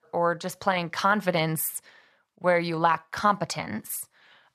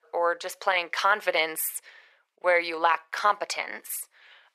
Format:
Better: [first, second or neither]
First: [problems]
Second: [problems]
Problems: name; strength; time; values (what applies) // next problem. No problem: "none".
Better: first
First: none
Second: thin; very; fading below 400 Hz